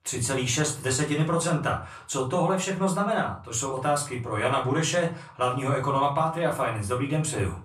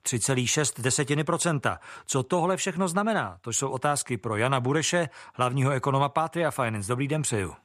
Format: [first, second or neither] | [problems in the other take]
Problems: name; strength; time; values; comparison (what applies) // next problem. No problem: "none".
second | off-mic speech; far // room echo; slight; dies away in 0.3 s